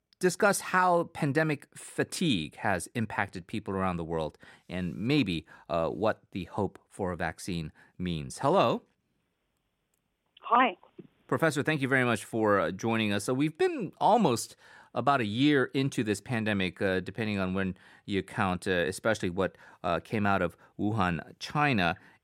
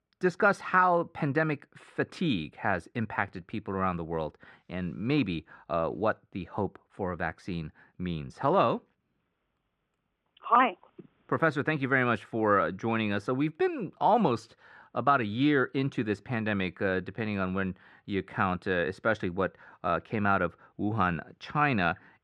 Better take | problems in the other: first | muffled; slightly; fading above 3 kHz

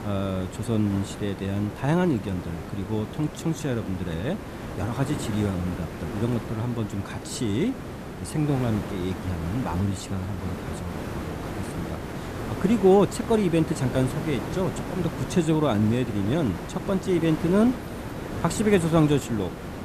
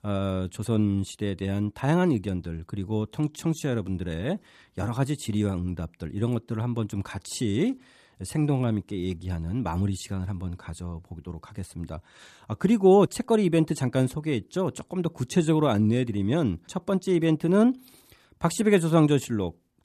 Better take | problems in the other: second | hiss; loud; throughout; 8 dB below the speech

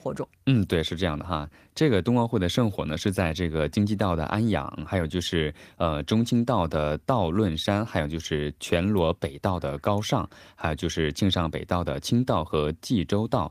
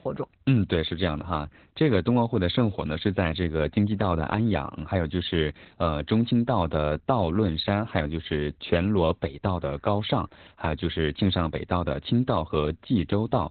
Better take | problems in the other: first | garbled, watery; badly; nothing above 4 kHz; slightly in the first

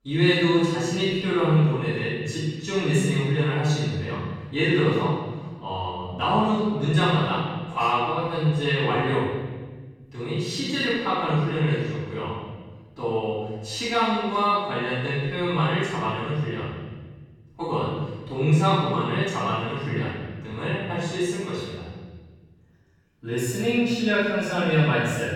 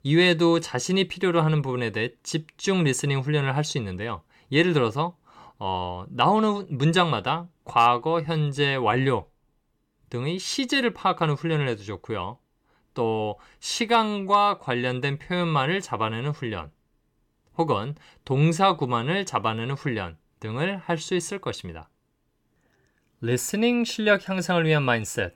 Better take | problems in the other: second | off-mic speech; far // room echo; strong; dies away in 1.4 s

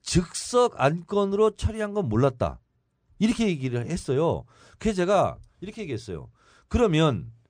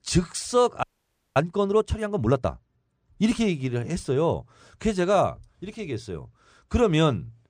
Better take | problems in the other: first | audio freezing; at 1 s for 0.5 s

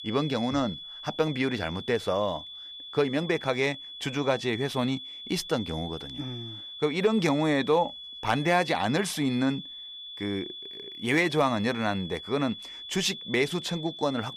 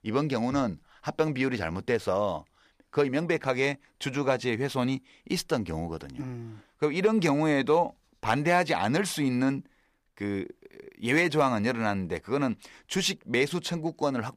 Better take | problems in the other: second | high-pitched whine; noticeable; throughout; 3.5 kHz, 10 dB below the speech

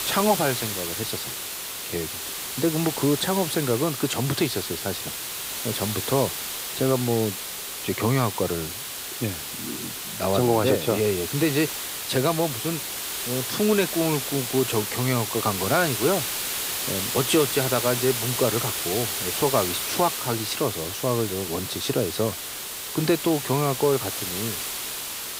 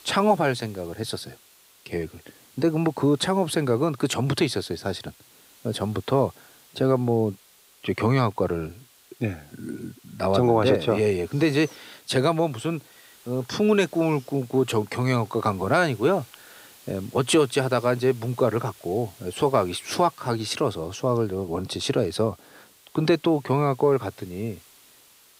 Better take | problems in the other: second | hiss; loud; throughout; 3 dB below the speech; faint in the second

